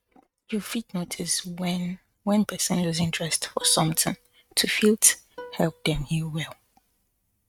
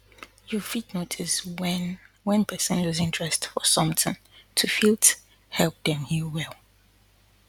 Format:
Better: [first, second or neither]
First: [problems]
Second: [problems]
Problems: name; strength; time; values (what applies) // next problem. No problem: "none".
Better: second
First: noise reduction (neural mask model RNNoise)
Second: none